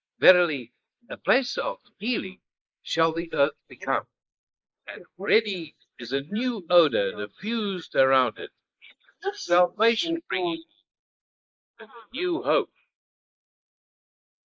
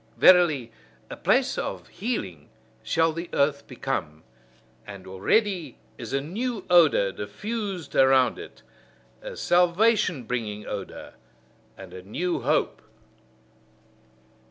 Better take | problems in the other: second | noise reduction (neural mask model Resemble Enhance denoiser)

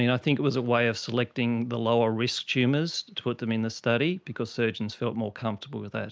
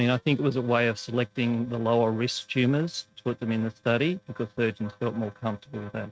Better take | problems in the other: first | noise reduction (neural mask model RNNoise)

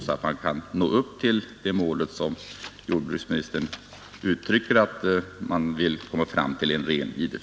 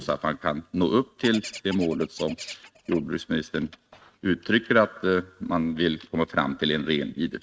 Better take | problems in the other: first | noise reduction (neural mask model RNNoise)

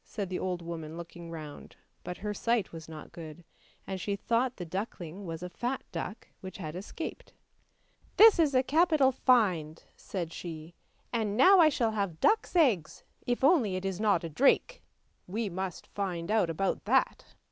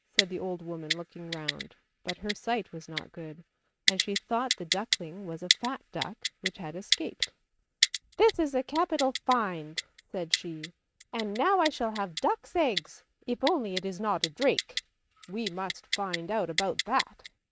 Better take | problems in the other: first | noise reduction (neural mask model RNNoise)

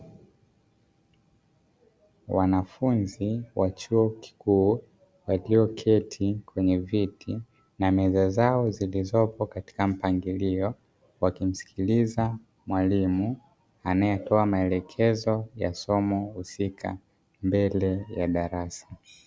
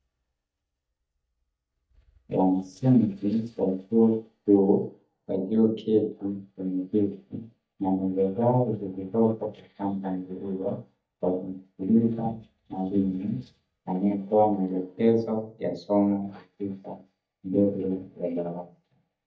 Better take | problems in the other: first | noise reduction (neural mask model DeepFilterNet 3)

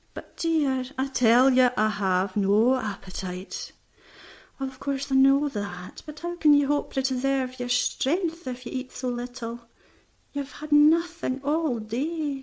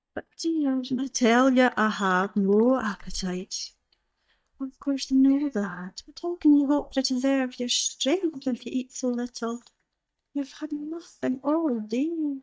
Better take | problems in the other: first | noise reduction (neural mask model DeepFilterNet 3)

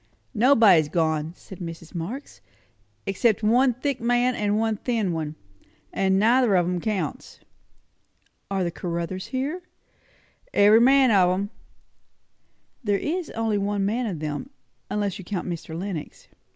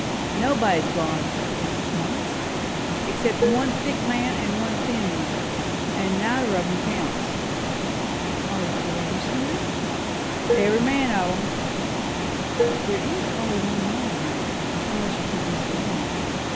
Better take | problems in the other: first | background sound (Water + Dishes, pots, and pans); 3 dB above the speech

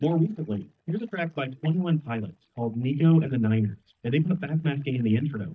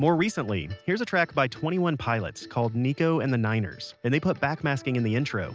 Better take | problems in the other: second | noise reduction (neural mask model DeepFilterNet 3)

